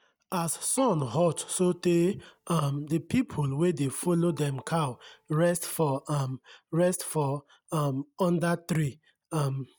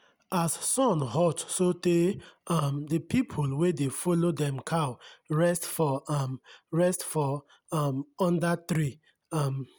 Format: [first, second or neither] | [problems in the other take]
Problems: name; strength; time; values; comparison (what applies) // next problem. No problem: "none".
second | noise reduction (neural mask model DeepFilterNet 3)